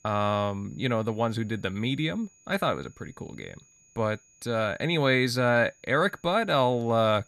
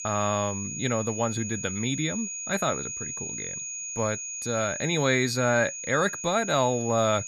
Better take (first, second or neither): first